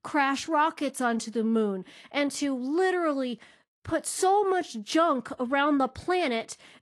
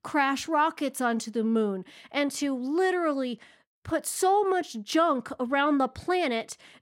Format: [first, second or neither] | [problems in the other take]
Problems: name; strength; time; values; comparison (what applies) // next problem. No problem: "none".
second | garbled, watery; slightly; nothing above 11 kHz